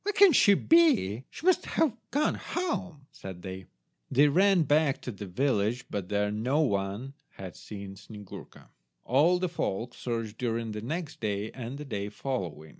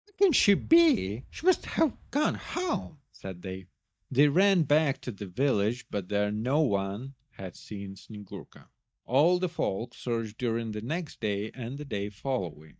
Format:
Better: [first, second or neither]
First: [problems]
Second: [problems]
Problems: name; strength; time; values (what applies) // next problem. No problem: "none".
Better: first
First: none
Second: noise reduction (neural mask model DeepFilterNet 3)